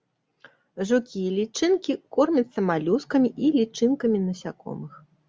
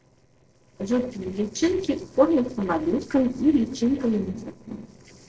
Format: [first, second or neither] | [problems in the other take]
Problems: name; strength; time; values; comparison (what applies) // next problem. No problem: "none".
first | noise reduction (neural separator model SepFormer DNS4)